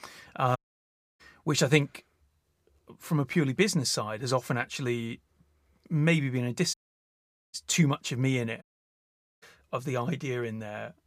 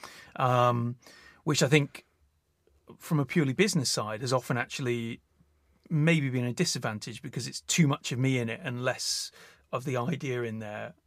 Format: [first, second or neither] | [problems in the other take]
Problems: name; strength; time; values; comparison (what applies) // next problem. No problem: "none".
second | audio cutting out; at 0.5 s for 0.5 s, at 6.5 s for 1 s and at 8.5 s for 1 s